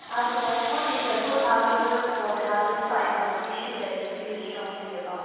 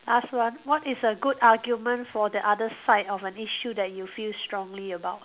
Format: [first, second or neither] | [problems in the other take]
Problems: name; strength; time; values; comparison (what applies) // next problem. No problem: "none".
second | background sound (Toilet flush / Water); 13 dB below the speech // room echo; dies away in 2.2 s